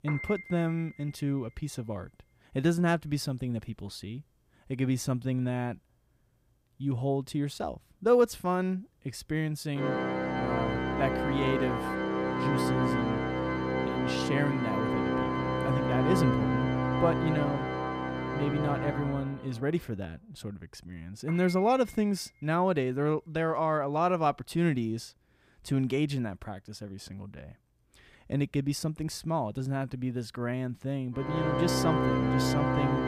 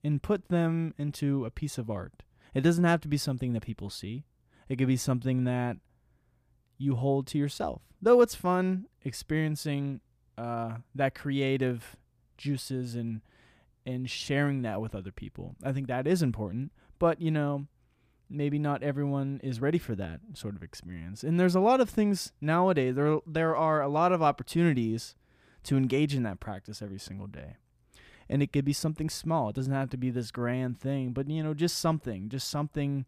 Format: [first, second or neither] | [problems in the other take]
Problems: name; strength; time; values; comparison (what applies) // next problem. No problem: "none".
second | background music; very loud; throughout; 1 dB above the speech